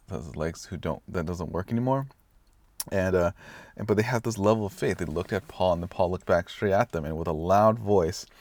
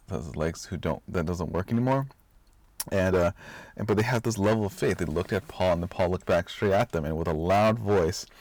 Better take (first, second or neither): first